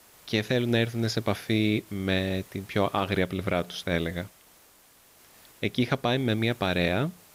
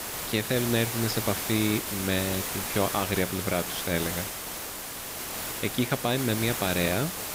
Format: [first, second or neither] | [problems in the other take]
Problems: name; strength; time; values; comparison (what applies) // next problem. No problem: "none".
first | hiss; loud; throughout; 3 dB below the speech; faint in the first